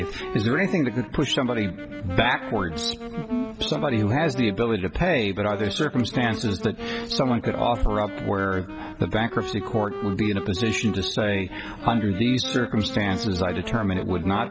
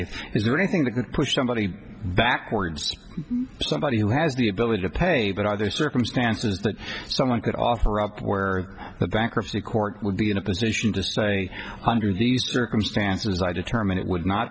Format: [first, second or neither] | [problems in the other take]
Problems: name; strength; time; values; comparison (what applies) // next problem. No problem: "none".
second | background sound (Wind instrument, woodwind instrument); 10 dB below the speech